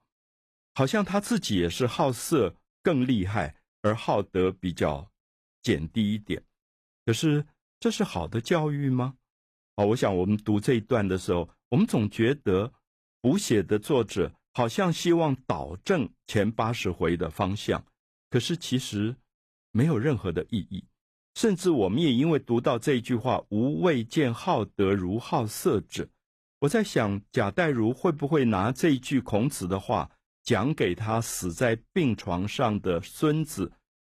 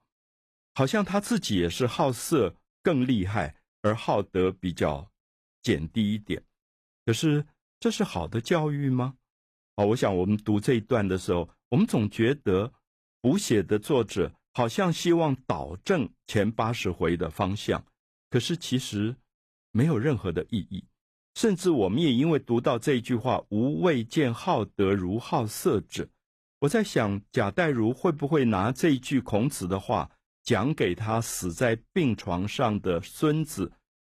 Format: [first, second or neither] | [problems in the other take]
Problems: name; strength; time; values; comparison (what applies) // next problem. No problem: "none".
neither | none